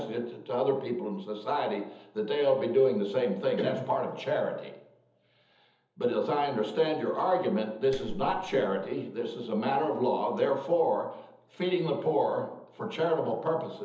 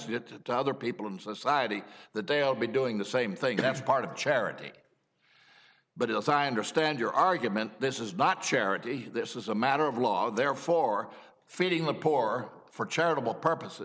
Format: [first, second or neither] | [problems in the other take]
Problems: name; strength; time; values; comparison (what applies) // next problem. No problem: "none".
second | background sound (Clapping); 12 dB below the speech // room echo; dies away in 0.7 s